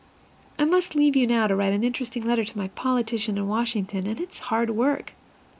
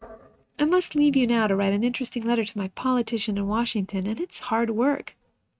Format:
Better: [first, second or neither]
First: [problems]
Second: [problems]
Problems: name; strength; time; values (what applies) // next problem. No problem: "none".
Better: first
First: none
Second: noise reduction (neural mask model RNNoise)